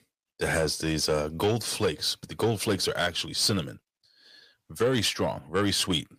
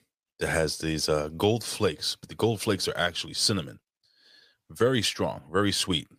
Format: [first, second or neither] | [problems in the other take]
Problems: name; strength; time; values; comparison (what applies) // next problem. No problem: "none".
second | distortion; slight; 10 dB below the speech